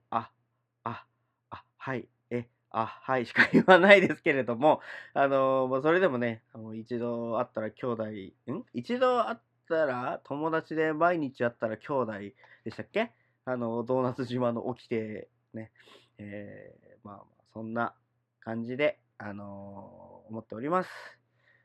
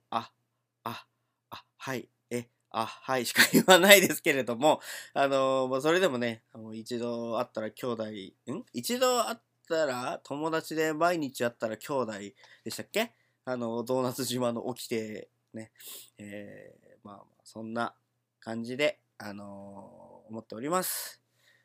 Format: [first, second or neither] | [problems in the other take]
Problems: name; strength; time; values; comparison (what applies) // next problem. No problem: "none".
second | muffled; very; fading above 2 kHz